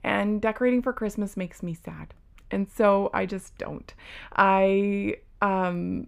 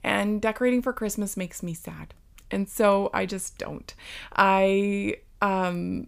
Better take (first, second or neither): second